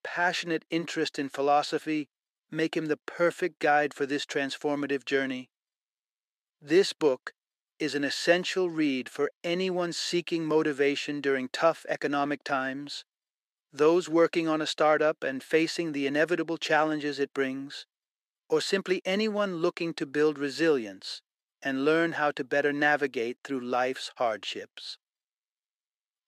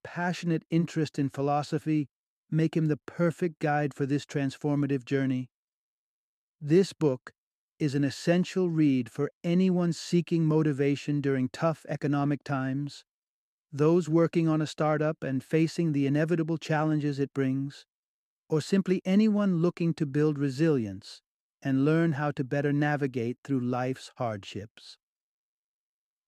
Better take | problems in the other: second | thin; somewhat; fading below 500 Hz

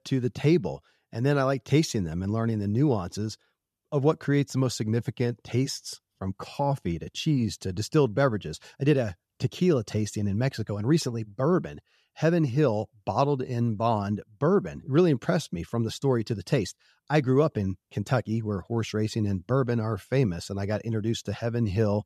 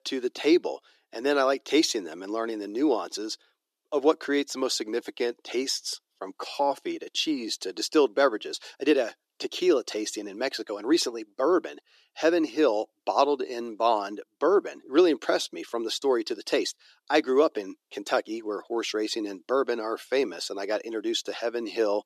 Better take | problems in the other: first | thin; somewhat; fading below 300 Hz

